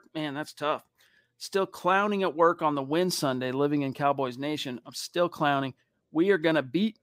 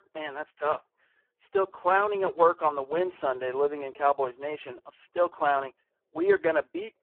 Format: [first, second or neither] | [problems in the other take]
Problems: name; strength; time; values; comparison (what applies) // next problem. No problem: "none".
first | phone-call audio; poor line